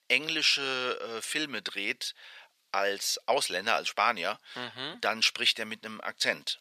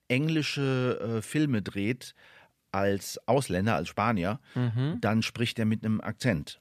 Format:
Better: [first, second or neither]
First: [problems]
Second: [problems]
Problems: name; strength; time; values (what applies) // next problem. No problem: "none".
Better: second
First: thin; very; fading below 650 Hz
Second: none